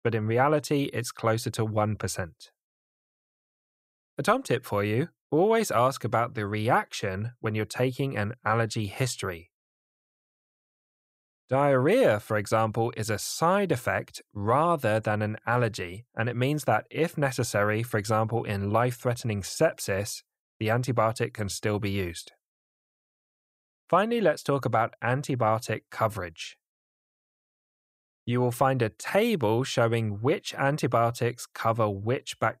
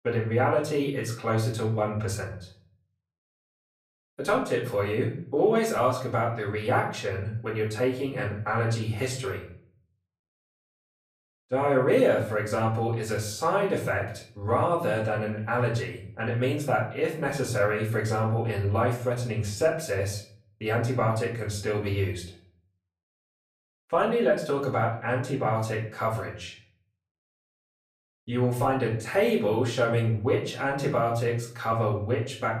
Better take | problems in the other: first | off-mic speech; far // room echo; slight; dies away in 0.5 s

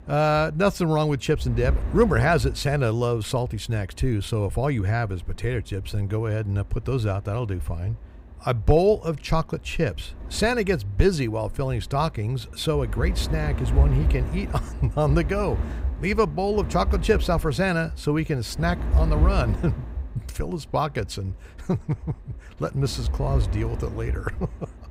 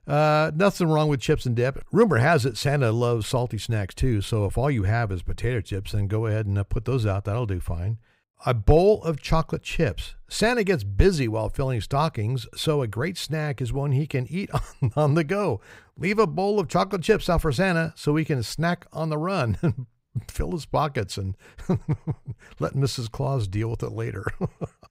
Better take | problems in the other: second | wind noise on the microphone; occasional gusts; 15 dB below the speech

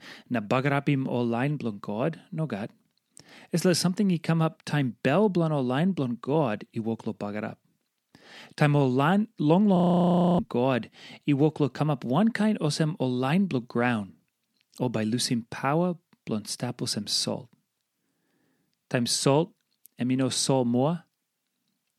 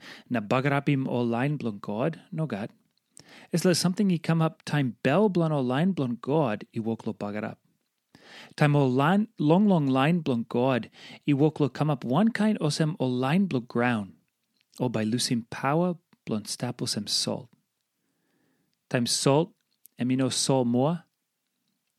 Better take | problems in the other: second | audio freezing; at 10 s for 0.5 s

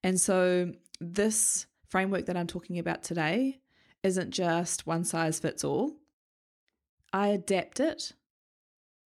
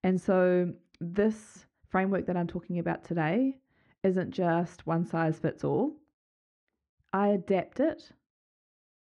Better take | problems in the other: first | muffled; very; fading above 1.5 kHz

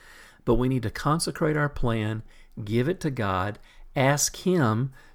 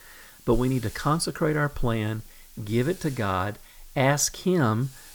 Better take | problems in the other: first | hiss; faint; throughout; 20 dB below the speech

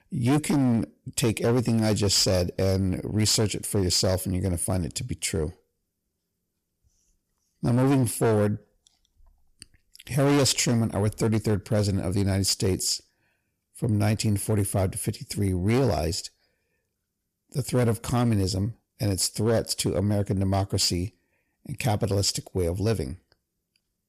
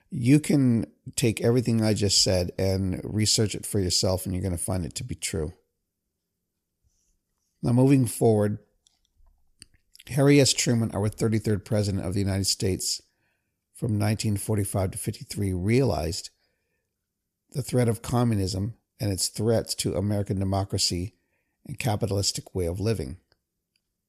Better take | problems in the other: second | distortion; slight; 7% of the sound clipped

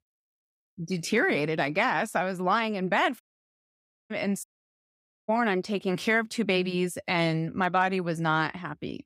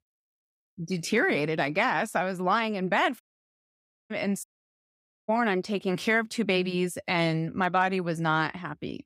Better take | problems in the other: neither | audio cutting out; at 3 s for 1 s and at 4.5 s for 1 s; the same in both

